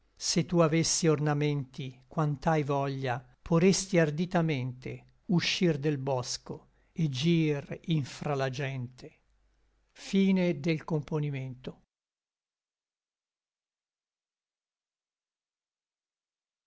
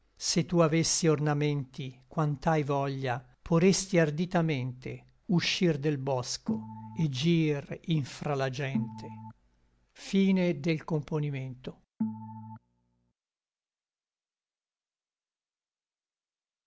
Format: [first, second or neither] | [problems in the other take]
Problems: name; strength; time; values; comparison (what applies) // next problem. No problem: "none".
first | background sound (Organ); 8 dB below the speech